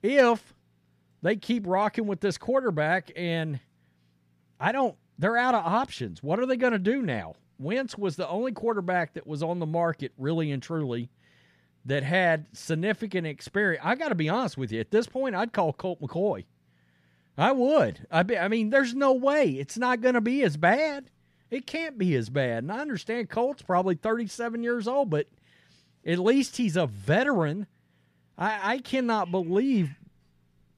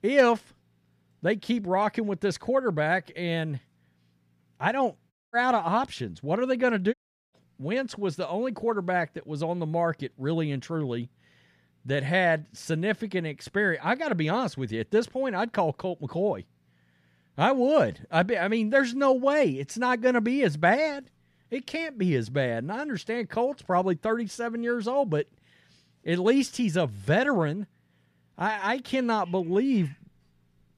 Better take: first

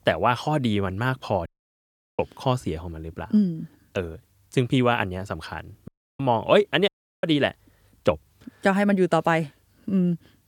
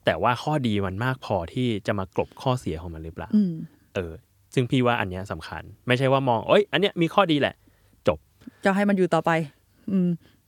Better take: second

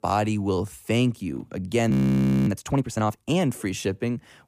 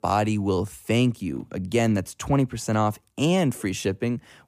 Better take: second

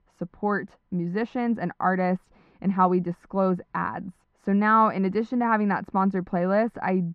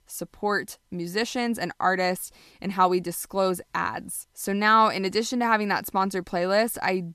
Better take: second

